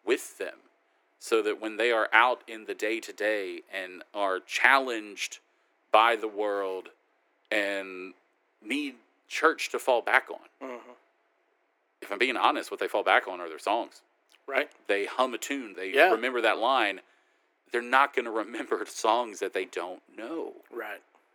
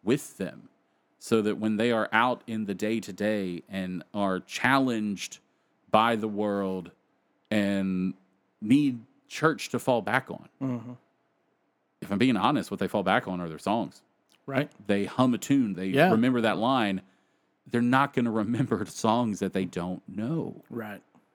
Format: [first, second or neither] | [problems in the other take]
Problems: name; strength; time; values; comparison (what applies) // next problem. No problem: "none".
second | thin; very; fading below 350 Hz